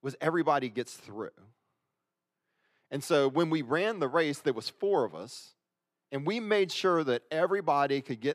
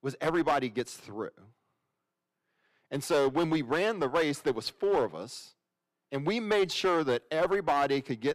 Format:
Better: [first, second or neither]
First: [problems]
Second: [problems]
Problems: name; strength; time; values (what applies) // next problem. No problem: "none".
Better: first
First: none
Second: distortion; slight; 5% of the sound clipped